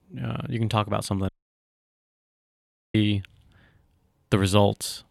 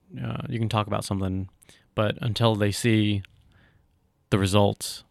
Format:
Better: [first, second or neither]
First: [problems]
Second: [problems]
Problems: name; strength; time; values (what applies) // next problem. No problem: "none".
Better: second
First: audio cutting out; at 1.5 s for 1.5 s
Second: none